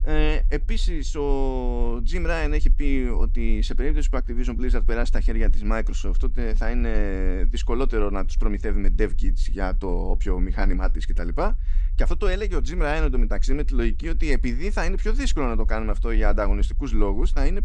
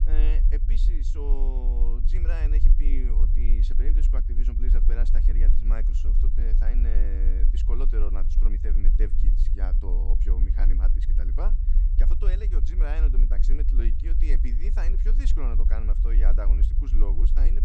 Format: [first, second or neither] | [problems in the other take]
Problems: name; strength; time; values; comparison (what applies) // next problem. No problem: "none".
first | low rumble; loud; throughout; 6 dB below the speech; faint in the first